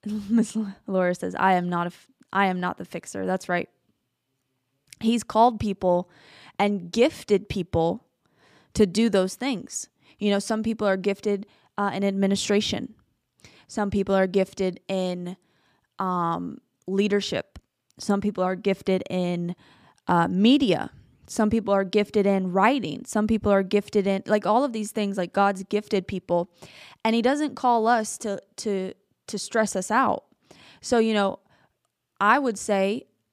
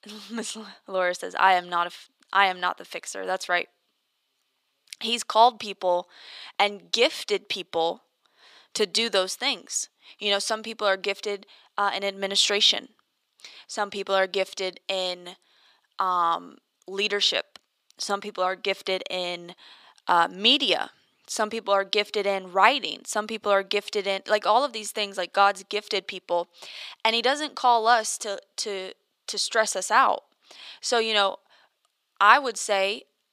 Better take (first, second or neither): first